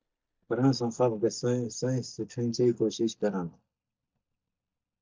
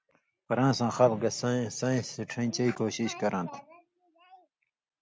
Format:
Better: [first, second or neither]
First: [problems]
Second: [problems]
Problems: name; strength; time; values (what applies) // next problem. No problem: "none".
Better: second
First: noise reduction (neural mask model DeepFilterNet 3)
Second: none